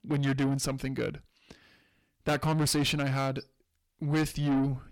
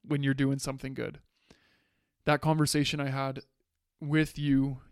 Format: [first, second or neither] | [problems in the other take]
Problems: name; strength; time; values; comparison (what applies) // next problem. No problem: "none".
second | distortion; heavy; 7 dB below the speech